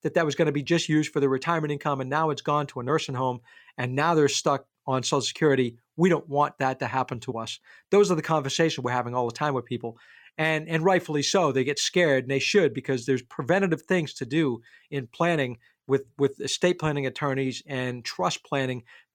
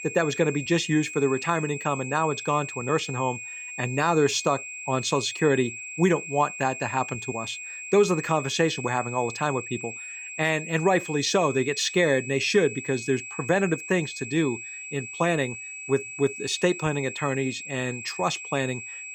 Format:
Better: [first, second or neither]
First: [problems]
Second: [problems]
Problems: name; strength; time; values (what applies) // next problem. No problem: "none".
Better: first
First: none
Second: high-pitched whine; loud; throughout; 2.5 kHz, 9 dB below the speech